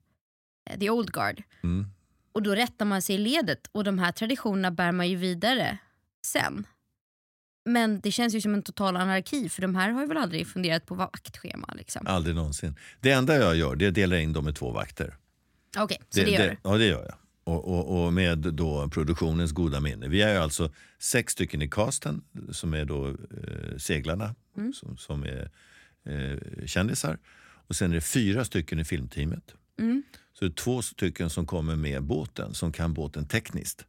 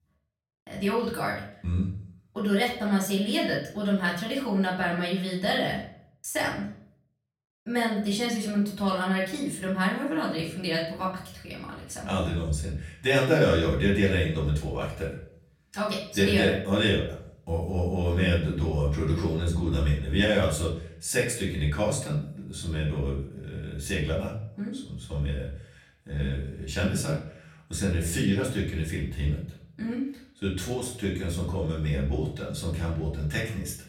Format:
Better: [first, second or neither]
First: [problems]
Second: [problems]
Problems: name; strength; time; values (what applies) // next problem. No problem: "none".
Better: first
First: none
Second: off-mic speech; far // room echo; slight; dies away in 0.5 s